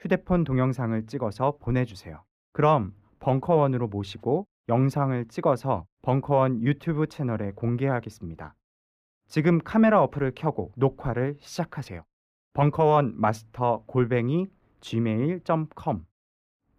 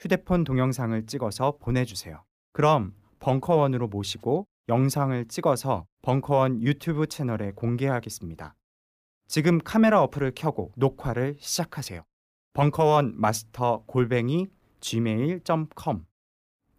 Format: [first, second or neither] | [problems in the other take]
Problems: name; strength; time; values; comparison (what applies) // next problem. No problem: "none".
second | muffled; slightly; fading above 4 kHz